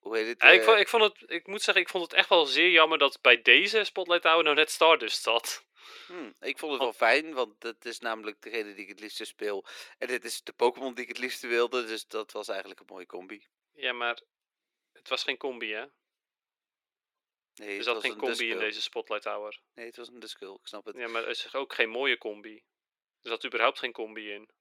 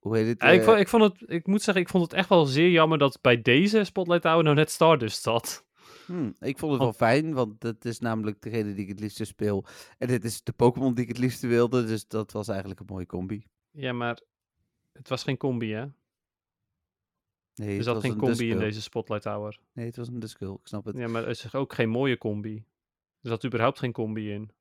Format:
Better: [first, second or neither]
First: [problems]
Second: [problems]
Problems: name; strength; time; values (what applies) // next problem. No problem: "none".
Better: second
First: thin; very; fading below 350 Hz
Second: none